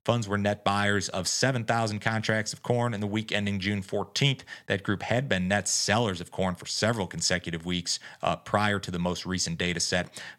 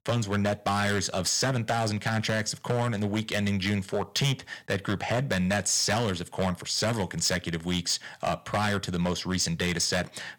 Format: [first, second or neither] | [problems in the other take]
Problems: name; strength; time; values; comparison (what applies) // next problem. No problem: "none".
first | distortion; heavy; 8% of the sound clipped